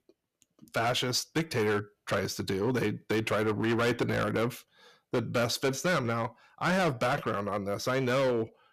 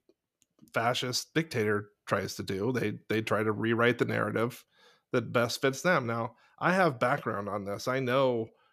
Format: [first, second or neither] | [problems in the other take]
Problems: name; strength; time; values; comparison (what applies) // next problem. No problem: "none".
second | distortion; heavy; 11% of the sound clipped